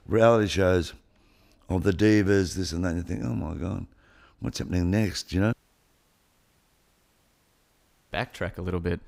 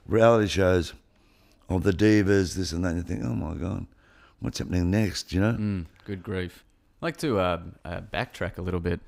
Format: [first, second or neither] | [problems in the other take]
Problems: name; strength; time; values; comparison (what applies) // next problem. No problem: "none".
second | audio cutting out; at 5.5 s for 2.5 s